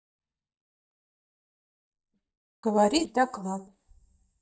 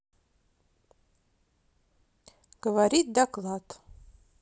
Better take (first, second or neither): second